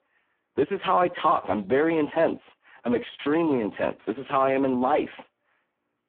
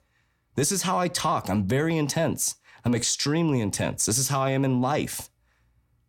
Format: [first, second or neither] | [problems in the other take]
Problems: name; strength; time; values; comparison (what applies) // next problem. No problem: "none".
second | phone-call audio; poor line